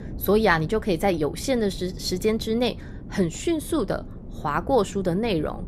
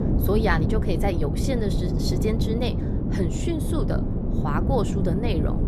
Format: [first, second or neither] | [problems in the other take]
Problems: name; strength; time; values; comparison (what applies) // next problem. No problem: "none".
first | wind noise on the microphone; heavy; 4 dB below the speech; occasional gusts in the first